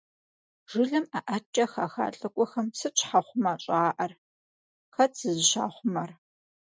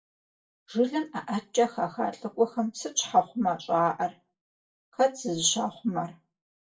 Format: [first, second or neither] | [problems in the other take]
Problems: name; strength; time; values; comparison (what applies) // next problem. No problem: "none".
first | room echo; dies away in 0.2 s